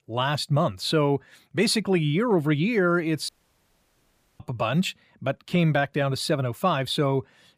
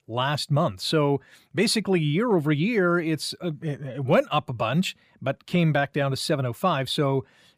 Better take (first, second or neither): second